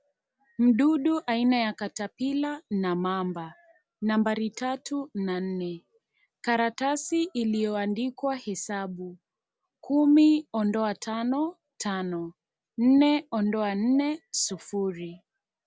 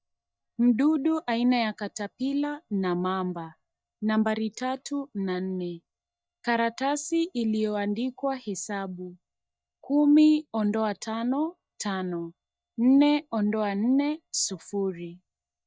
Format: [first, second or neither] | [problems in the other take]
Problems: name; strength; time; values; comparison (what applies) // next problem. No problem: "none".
first | noise reduction (neural mask model DeepFilterNet 3)